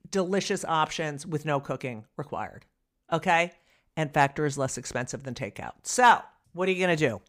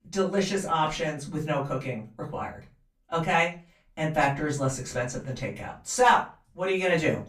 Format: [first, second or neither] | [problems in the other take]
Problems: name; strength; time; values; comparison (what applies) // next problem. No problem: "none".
first | off-mic speech; far // room echo; very slight; dies away in 0.3 s